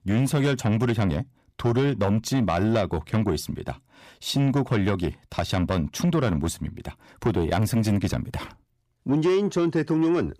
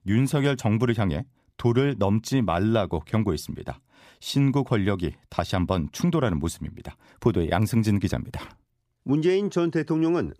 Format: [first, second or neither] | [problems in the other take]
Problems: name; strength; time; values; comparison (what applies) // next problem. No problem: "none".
second | distortion; slight; 10 dB below the speech